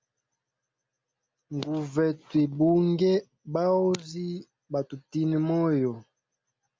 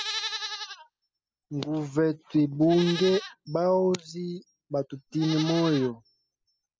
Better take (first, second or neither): first